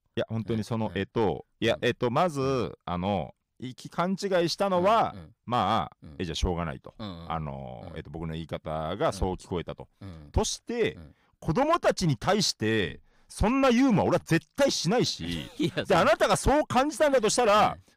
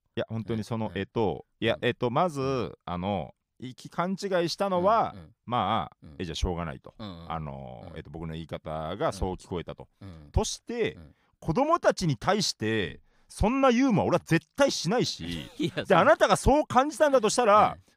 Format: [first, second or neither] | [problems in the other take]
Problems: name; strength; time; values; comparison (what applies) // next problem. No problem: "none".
second | distortion; slight; 4% of the sound clipped